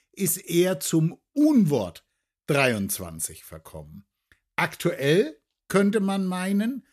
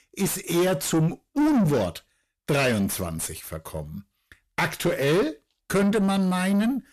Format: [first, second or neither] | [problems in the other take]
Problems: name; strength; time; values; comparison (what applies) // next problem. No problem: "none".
first | distortion; heavy; 7 dB below the speech